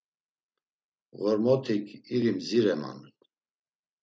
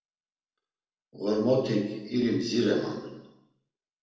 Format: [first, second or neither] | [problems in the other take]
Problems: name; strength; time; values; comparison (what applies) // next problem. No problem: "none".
first | room echo; dies away in 0.9 s